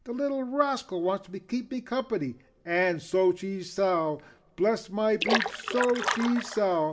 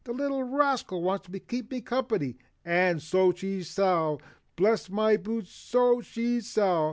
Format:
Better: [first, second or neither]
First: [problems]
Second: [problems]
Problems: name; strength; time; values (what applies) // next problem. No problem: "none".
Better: second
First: background sound (Splash, splatter); 3 dB below the speech // room echo; dies away in 0.4 s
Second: none